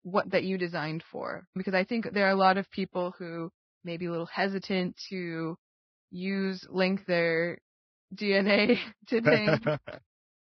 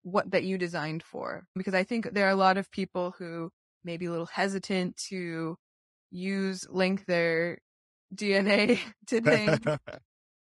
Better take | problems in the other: second | garbled, watery; badly; nothing above 5 kHz; slightly in the second

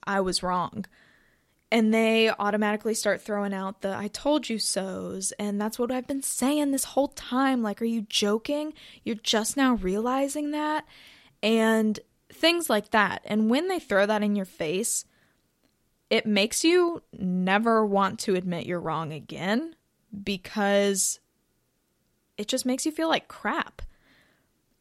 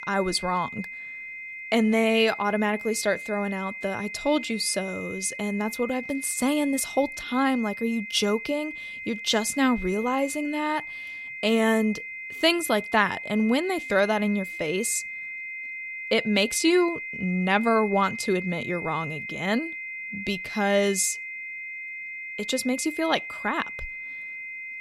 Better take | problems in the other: first | high-pitched whine; loud; throughout; 2 kHz, 9 dB below the speech

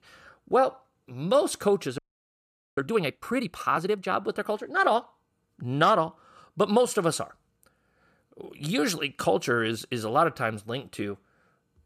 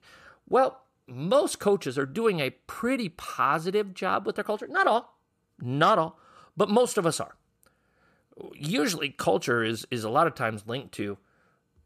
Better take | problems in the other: second | audio freezing; at 2 s for 1 s

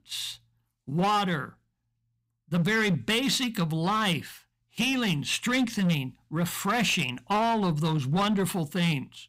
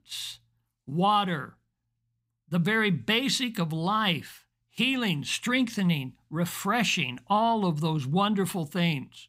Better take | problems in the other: second | distortion; slight; 10% of the sound clipped

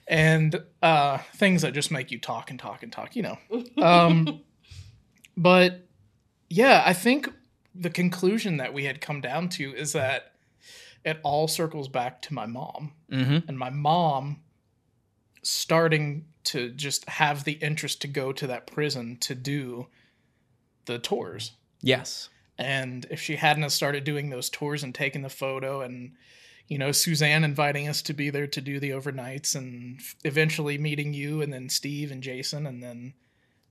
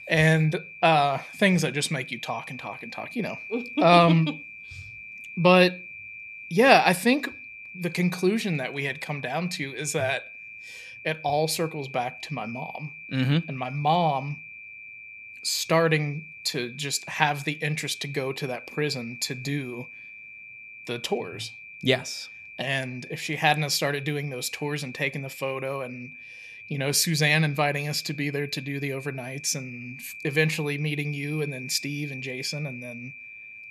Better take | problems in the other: first | high-pitched whine; noticeable; throughout; 2.5 kHz, 15 dB below the speech

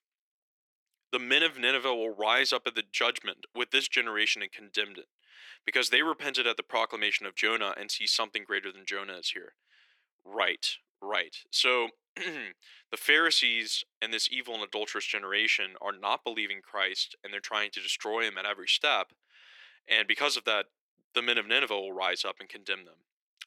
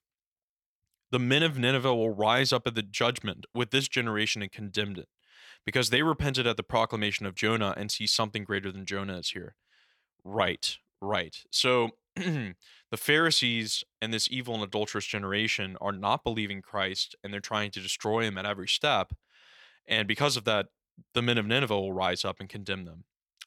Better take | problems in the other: second | thin; somewhat; fading below 300 Hz

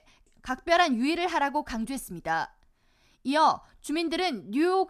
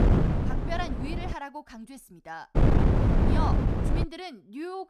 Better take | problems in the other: first | wind noise on the microphone; heavy; until 1.5 s and from 2.5 to 4 s; 3 dB above the speech

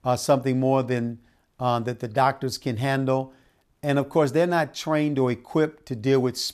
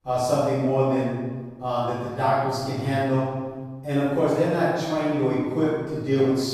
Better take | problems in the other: first | off-mic speech; far // room echo; strong; dies away in 1.3 s

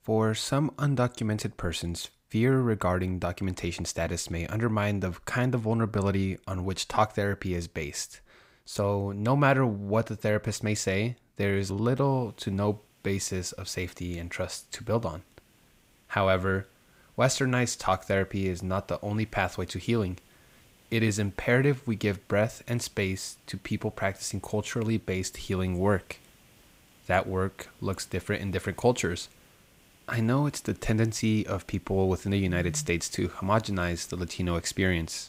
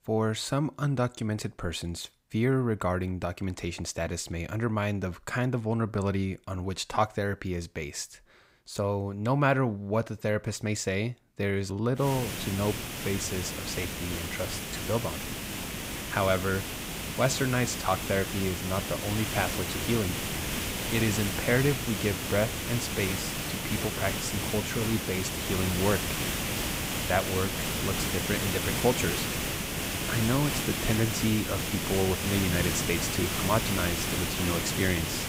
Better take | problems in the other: first | hiss; loud; from 12 s on; 1 dB below the speech; faint in the first

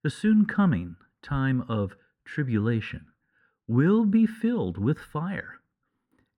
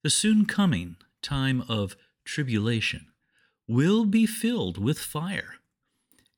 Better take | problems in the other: second | muffled; very; fading above 2.5 kHz

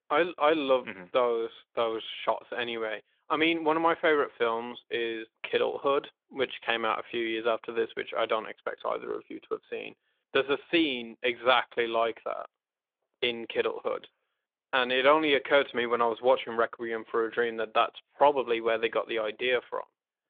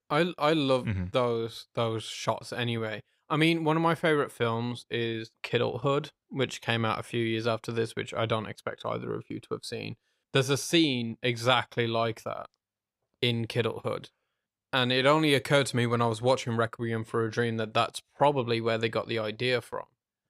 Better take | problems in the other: second | phone-call audio; nothing above 3.5 kHz

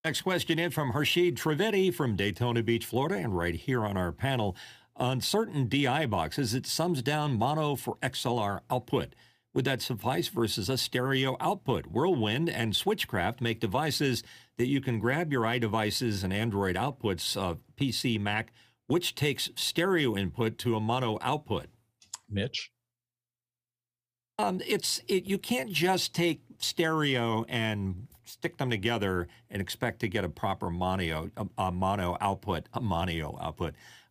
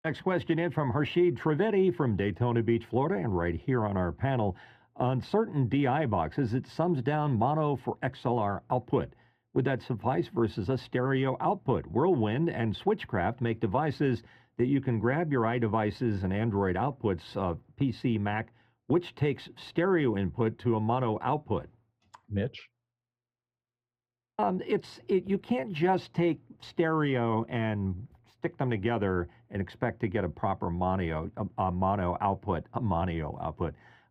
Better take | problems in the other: first | muffled; very; fading above 3.5 kHz

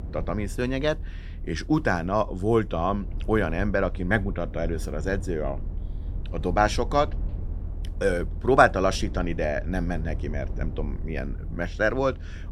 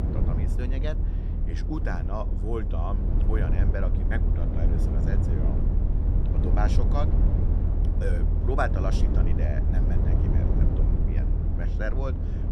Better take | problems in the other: first | low rumble; loud; throughout; 3 dB below the speech; faint in the first

